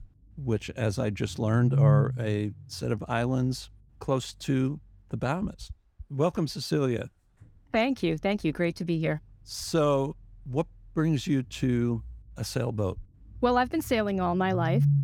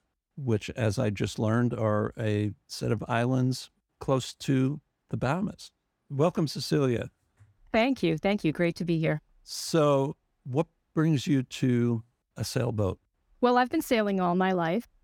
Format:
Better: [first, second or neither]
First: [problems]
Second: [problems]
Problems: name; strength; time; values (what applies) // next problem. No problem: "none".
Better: second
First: low rumble; loud; throughout; 8 dB below the speech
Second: none